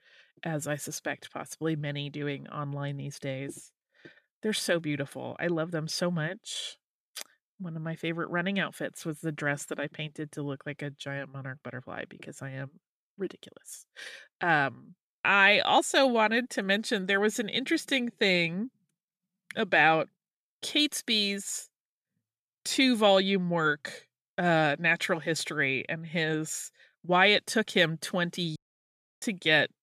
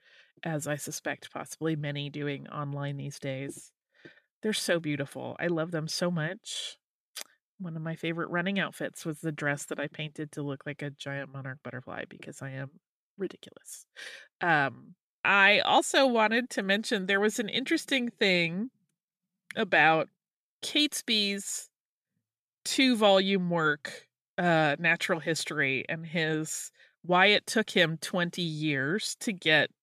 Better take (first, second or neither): second